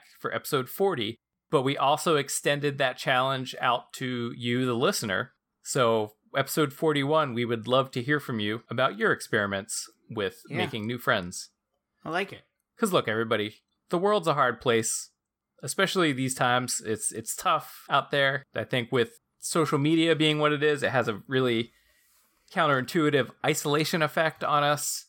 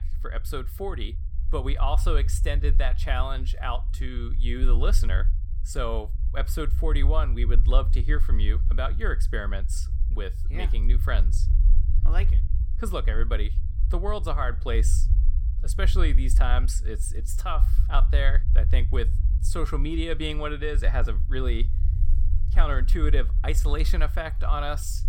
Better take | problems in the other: first | low rumble; noticeable; throughout; 15 dB below the speech

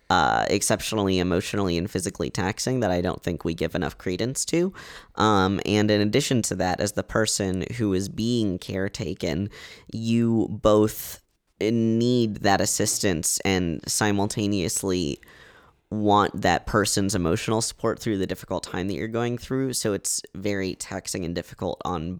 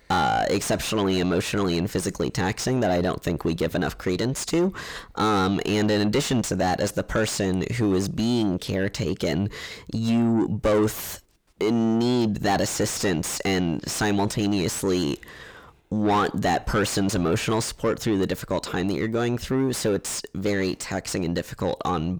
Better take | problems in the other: first | distortion; heavy; 6 dB below the speech

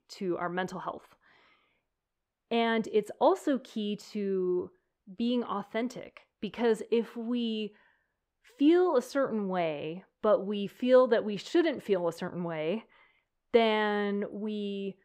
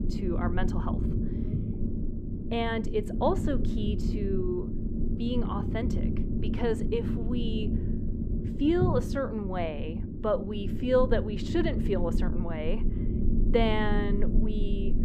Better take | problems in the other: first | low rumble; loud; throughout; 8 dB below the speech

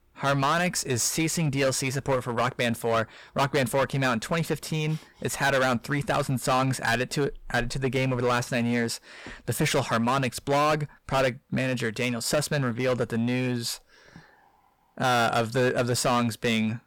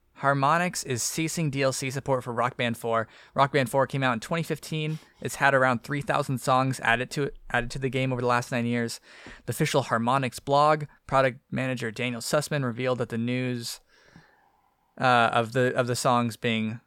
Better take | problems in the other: second | distortion; heavy; 11% of the sound clipped

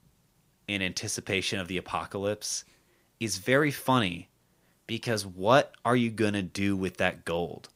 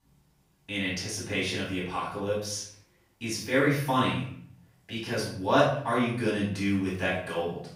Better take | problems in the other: first | off-mic speech; far // room echo; noticeable; dies away in 0.5 s

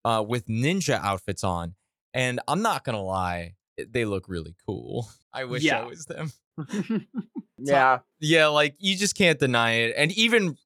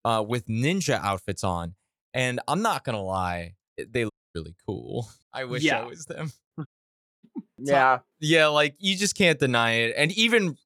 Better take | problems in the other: first | audio cutting out; at 4 s and at 6.5 s for 0.5 s

